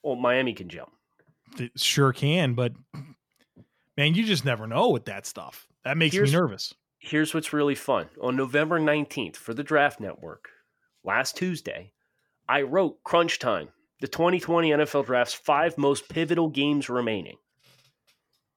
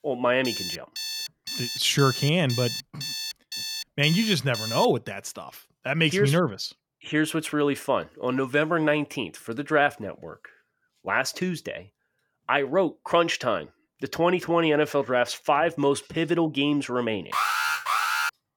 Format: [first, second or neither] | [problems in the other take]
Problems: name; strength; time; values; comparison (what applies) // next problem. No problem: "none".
first | alarm; noticeable; until 5 s; peak 5 dB below the speech // alarm; loud; at 17 s; peak 1 dB above the speech